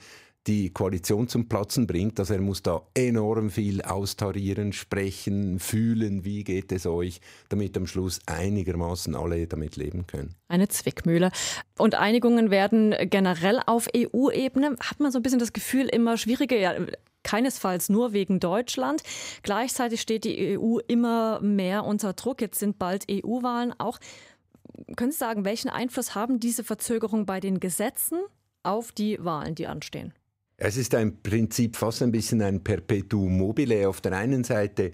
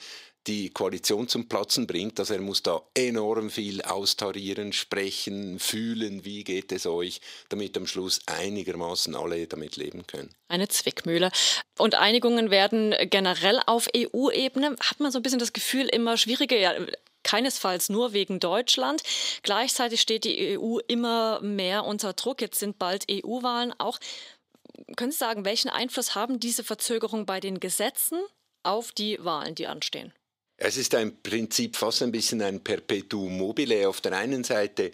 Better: first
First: none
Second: thin; very slightly; fading below 300 Hz

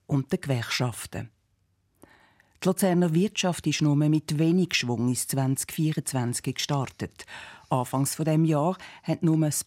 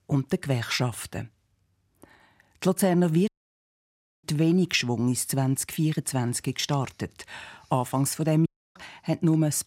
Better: first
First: none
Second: audio cutting out; at 3.5 s for 1 s and at 8.5 s

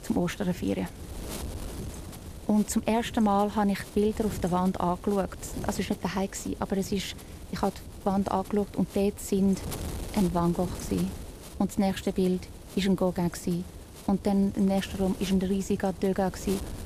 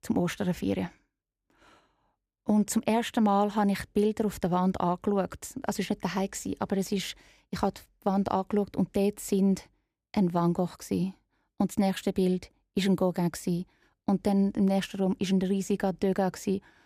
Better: second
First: wind noise on the microphone; occasional gusts; 15 dB below the speech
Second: none

